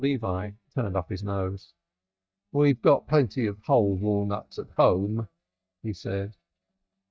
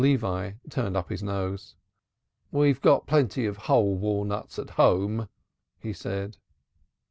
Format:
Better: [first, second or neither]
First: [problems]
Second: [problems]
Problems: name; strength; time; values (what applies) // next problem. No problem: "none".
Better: second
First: noise reduction (neural mask model DeepFilterNet 3)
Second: none